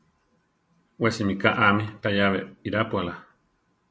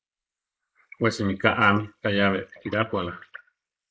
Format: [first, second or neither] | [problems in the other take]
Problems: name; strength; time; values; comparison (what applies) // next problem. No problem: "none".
first | noise reduction (neural mask model Resemble Enhance denoiser)